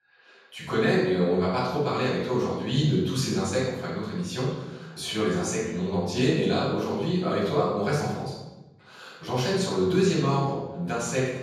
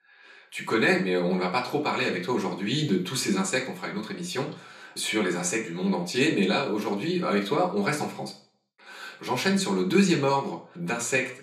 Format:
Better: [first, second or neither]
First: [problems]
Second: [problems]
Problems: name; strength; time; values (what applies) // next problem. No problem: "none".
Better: second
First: room echo; strong; dies away in 1.3 s // off-mic speech; far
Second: room echo; slight; dies away in 0.4 s // off-mic speech; far